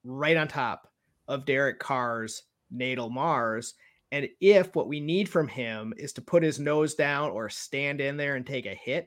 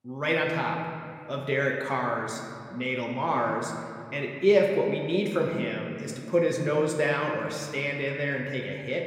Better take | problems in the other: first | room echo; noticeable; dies away in 2 s

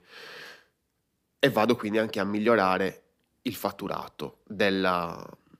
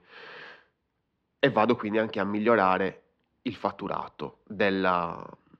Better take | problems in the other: first | muffled; slightly; fading above 3.5 kHz

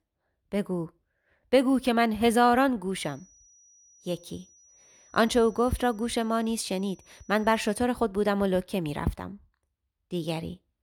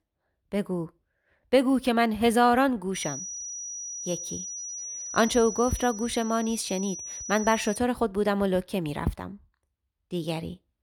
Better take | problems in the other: first | high-pitched whine; loud; from 3 to 8 s; 6 kHz, 8 dB below the speech; faint in the first

